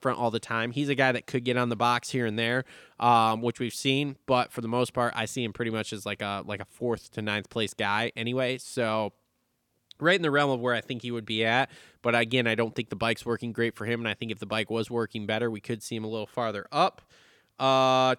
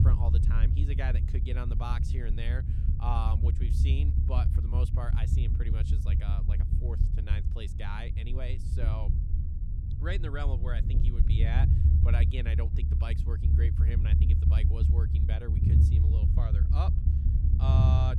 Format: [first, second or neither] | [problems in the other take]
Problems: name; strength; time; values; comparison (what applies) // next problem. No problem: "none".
first | low rumble; loud; throughout; 2 dB below the speech